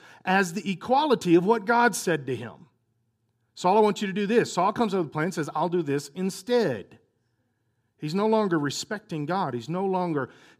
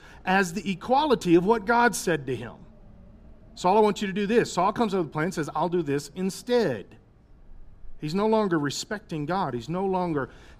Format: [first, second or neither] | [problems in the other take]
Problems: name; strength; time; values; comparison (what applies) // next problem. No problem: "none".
first | wind in the background; faint; throughout; 30 dB below the speech